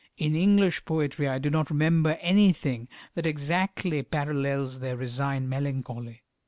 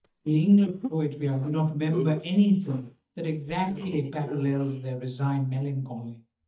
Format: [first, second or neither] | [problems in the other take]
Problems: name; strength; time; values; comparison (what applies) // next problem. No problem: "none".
first | noise reduction (neural mask model DeepFilterNet 3)